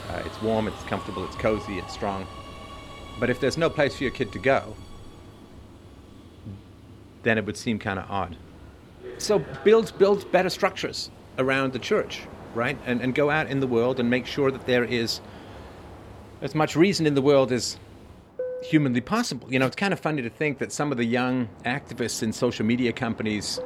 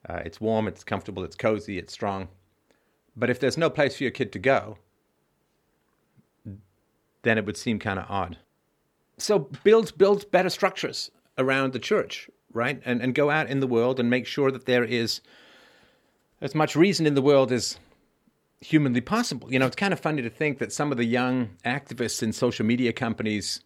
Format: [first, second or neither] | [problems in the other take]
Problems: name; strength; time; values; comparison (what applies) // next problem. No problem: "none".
second | train or aircraft noise; noticeable; throughout; 15 dB below the speech